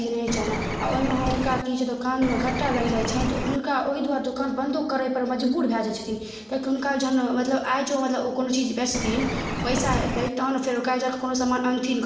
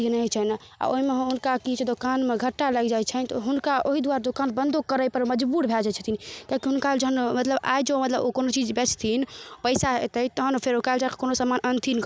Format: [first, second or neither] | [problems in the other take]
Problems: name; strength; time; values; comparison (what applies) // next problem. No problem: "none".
second | background sound (Bird); 3 dB below the speech // room echo; dies away in 0.9 s